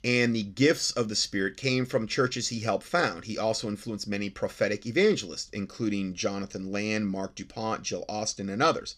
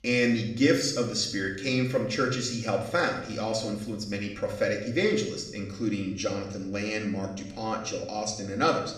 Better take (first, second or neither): first